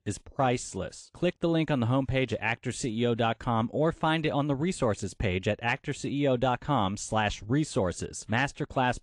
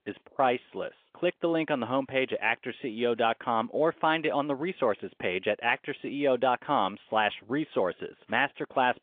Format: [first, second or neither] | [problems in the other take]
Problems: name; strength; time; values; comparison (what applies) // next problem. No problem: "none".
first | phone-call audio; nothing above 3.5 kHz